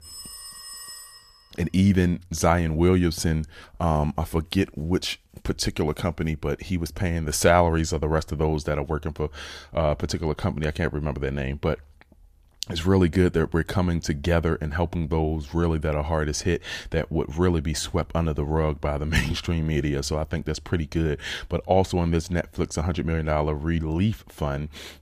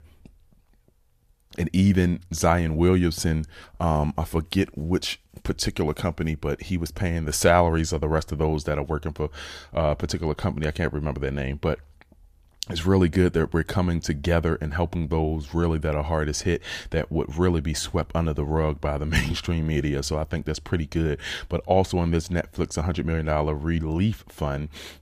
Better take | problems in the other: second | phone ringing; faint; until 1.5 s; peak 10 dB below the speech

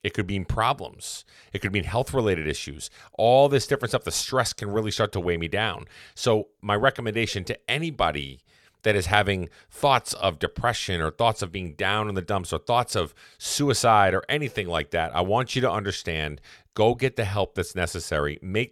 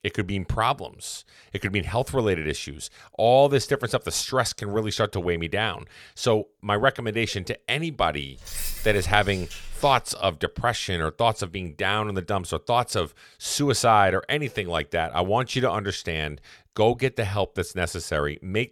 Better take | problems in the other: first | jangling keys; noticeable; from 8.5 to 10 s; peak 7 dB below the speech

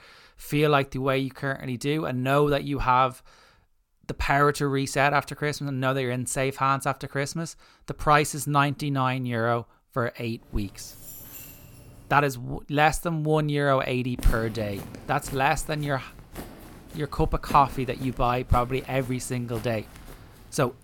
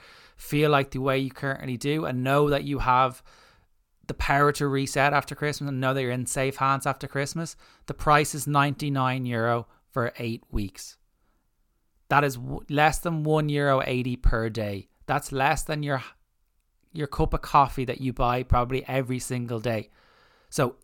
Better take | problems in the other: second | jangling keys; faint; from 10 to 12 s; peak 15 dB below the speech // footsteps; faint; from 14 s on; peak 10 dB below the speech

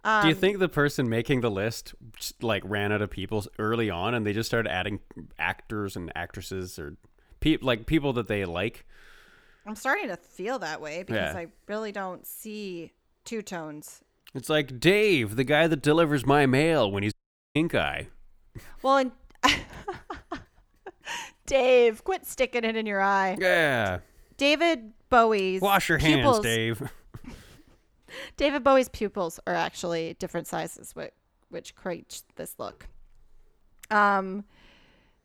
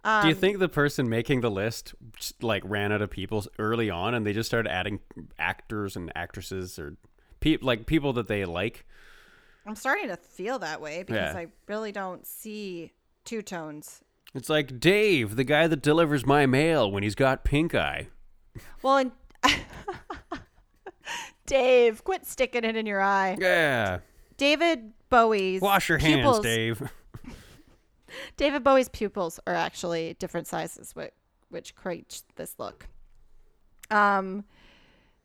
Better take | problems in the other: second | audio cutting out; at 17 s

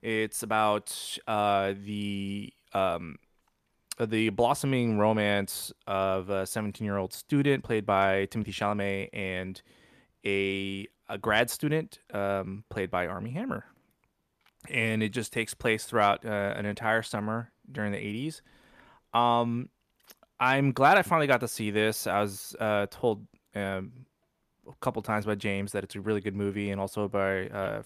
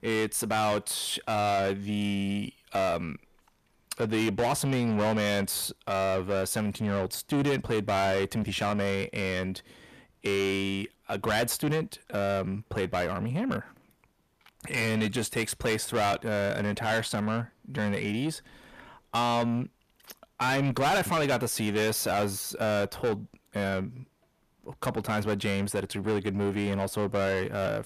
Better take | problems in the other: first | distortion; heavy; 6 dB below the speech

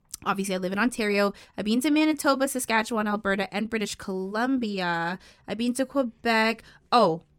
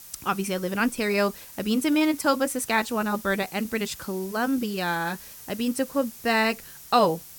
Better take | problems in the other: first | hiss; noticeable; throughout; 15 dB below the speech

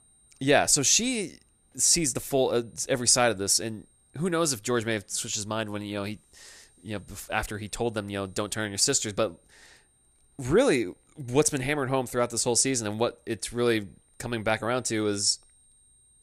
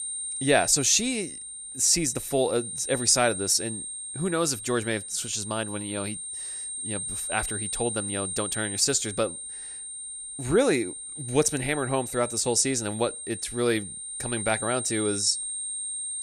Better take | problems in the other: first | high-pitched whine; loud; throughout; 8.5 kHz, 7 dB below the speech; faint in the first

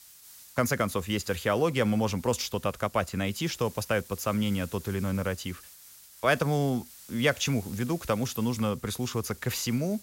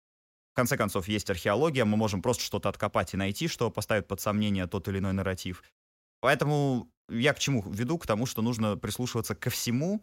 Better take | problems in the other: second | hiss; noticeable; throughout; 20 dB below the speech

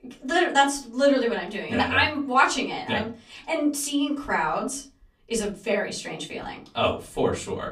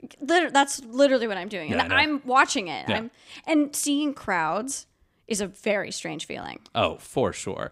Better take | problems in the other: second | off-mic speech; far // room echo; very slight; dies away in 0.2 s

